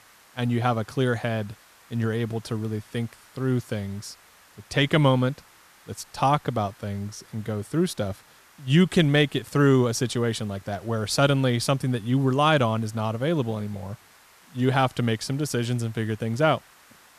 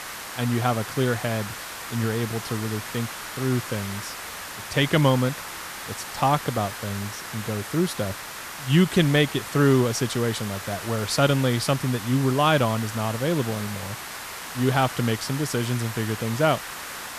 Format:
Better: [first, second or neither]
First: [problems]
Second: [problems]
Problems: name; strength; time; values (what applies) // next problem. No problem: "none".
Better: first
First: hiss; faint; throughout; 25 dB below the speech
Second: hiss; loud; throughout; 9 dB below the speech